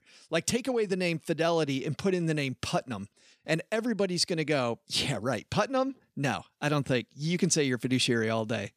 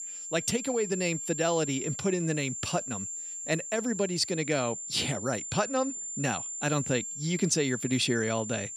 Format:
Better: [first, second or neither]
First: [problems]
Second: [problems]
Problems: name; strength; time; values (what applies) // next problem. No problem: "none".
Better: first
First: none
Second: high-pitched whine; loud; throughout; 7.5 kHz, 6 dB below the speech